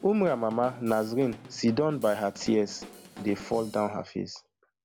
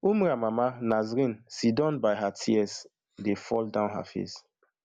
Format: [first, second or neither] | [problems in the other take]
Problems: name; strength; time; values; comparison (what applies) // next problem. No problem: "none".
second | background sound (Drum kit); 20 dB below the speech